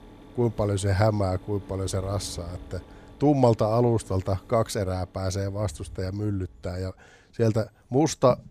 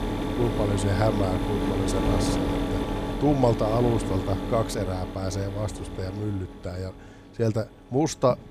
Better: first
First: machinery noise; faint; throughout; 25 dB below the speech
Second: machinery noise; loud; throughout; 2 dB below the speech

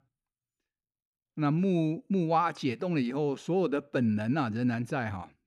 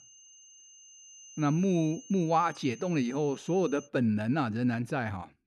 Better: first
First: none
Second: high-pitched whine; faint; until 4 s; 6 kHz, 20 dB below the speech

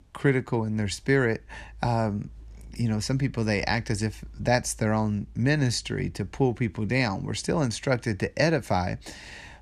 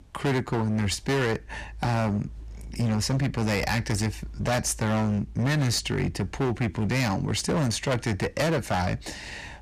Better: first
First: none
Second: distortion; heavy; 21% of the sound clipped

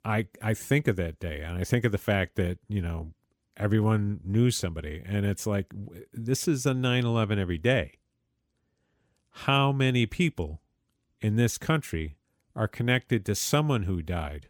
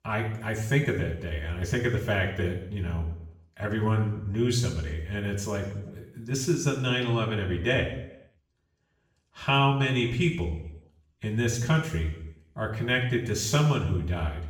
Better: first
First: none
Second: room echo; noticeable; dies away in 0.7 s // off-mic speech; far

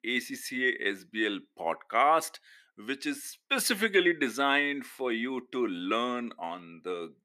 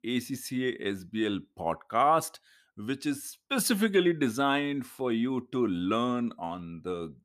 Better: second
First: thin; very slightly; fading below 350 Hz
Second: none

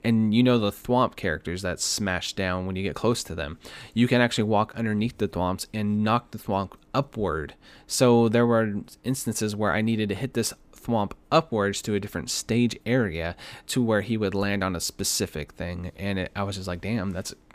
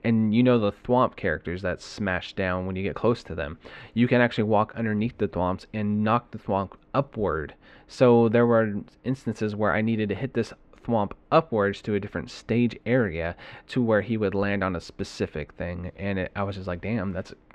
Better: first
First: none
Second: muffled; very; fading above 2.5 kHz

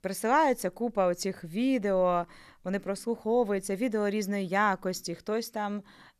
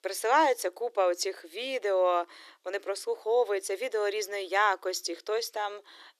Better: first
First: none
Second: thin; very; fading below 300 Hz

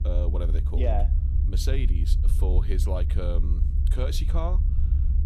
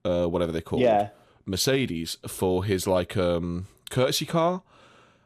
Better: second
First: low rumble; loud; throughout; 8 dB below the speech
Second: none

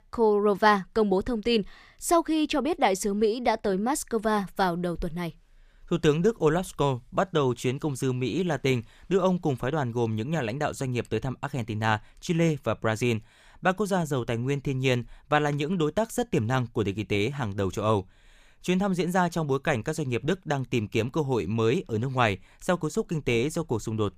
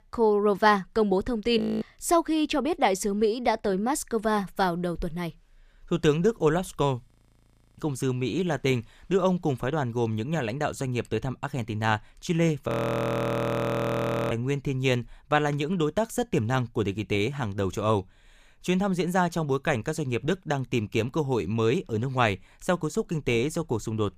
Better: first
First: none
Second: audio freezing; at 1.5 s, at 7 s for 0.5 s and at 13 s for 1.5 s

